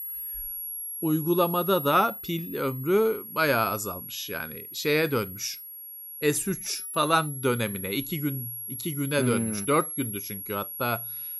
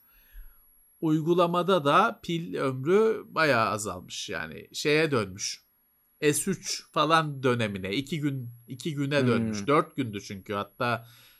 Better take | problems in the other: second | high-pitched whine; loud; throughout; 11.5 kHz, 8 dB below the speech; faint in the second

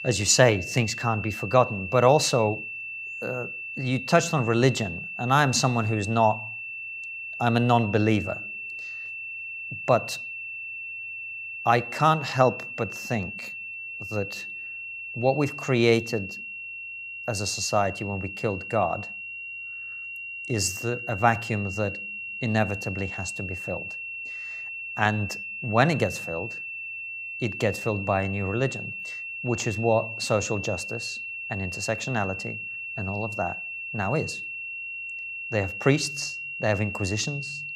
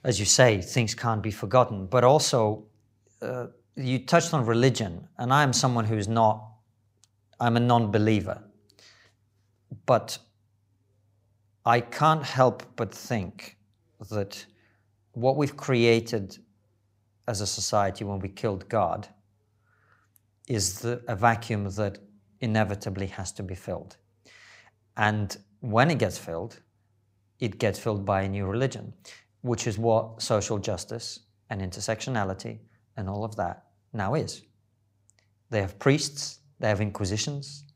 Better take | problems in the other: second | high-pitched whine; loud; throughout; 2.5 kHz, 7 dB below the speech

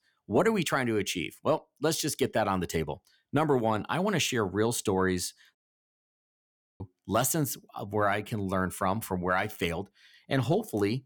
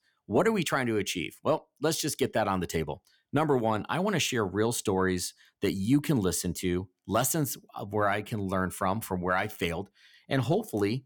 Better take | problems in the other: second | audio cutting out; at 5.5 s for 1.5 s

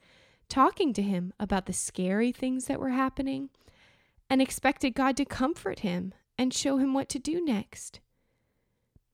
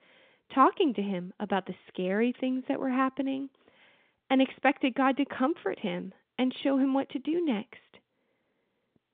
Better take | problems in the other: first | phone-call audio

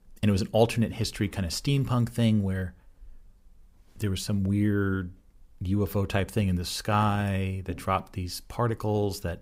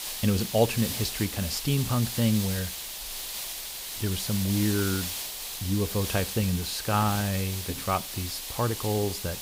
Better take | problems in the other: first | hiss; loud; throughout; 5 dB below the speech

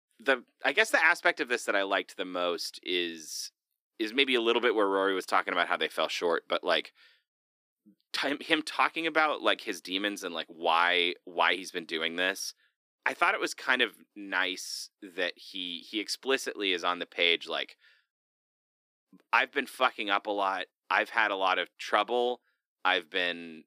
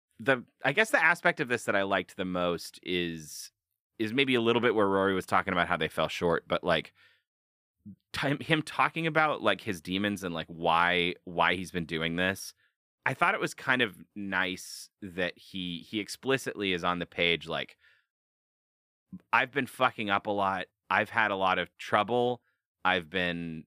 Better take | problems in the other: second | thin; very slightly; fading below 300 Hz

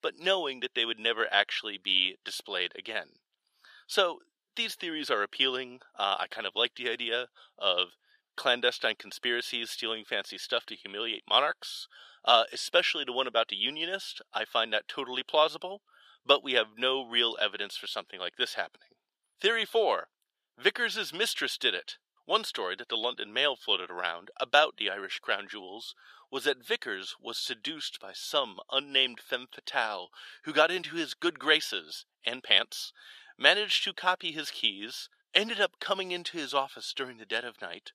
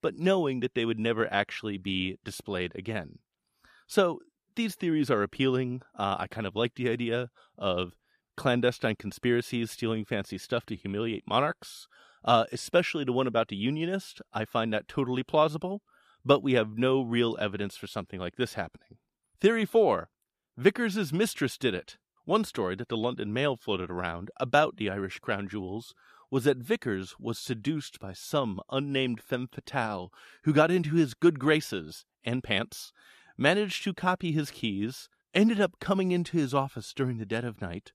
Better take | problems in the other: second | thin; very; fading below 600 Hz

